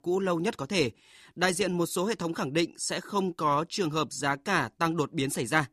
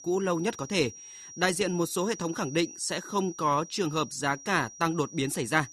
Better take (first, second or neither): first